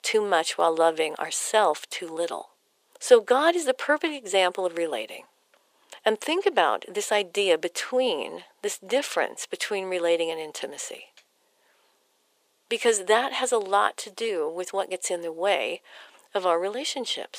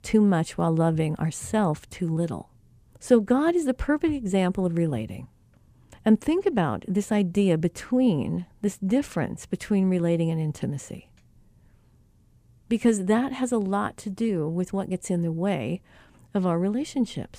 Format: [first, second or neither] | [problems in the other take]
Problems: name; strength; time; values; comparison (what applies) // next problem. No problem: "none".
second | thin; very; fading below 450 Hz